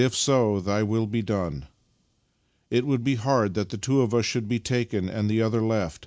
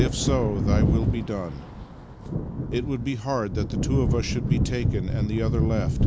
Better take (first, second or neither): first